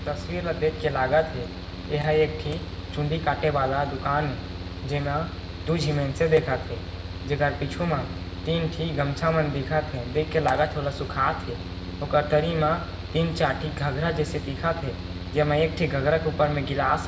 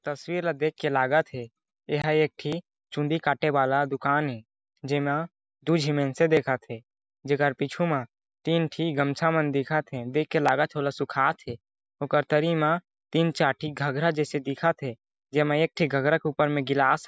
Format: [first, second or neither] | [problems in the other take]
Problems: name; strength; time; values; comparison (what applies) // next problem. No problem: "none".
second | background sound (Mechanical fan); 8 dB below the speech // room echo; dies away in 1 s